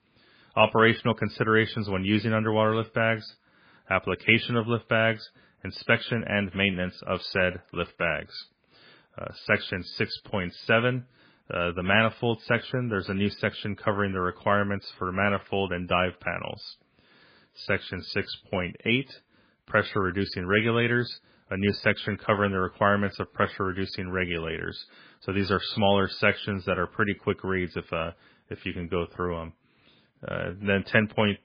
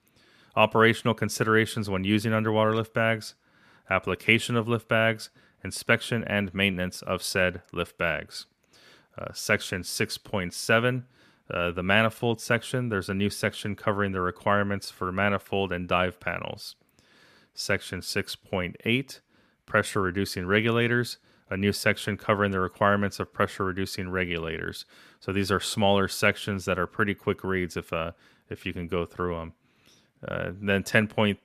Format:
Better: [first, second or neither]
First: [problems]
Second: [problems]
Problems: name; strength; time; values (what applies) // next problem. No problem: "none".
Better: second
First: garbled, watery; badly; nothing above 5 kHz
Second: none